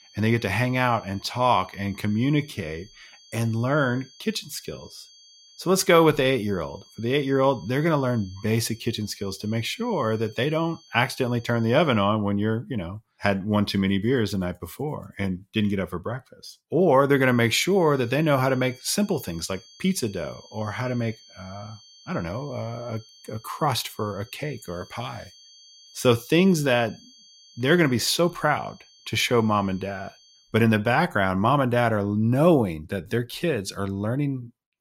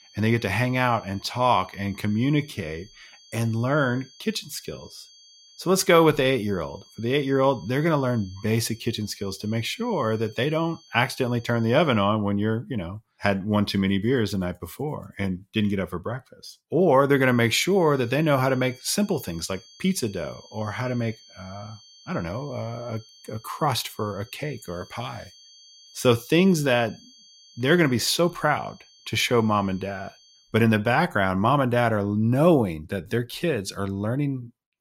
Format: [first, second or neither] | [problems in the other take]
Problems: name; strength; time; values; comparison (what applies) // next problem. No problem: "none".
neither | high-pitched whine; faint; until 12 s and from 17 to 30 s; 4.5 kHz, 25 dB below the speech; the same in both